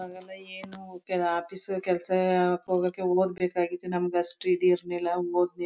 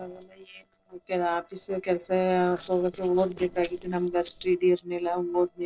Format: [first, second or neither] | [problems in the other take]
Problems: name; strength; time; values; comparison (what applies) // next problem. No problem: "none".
first | noise reduction (neural separator model SepFormer DNS4)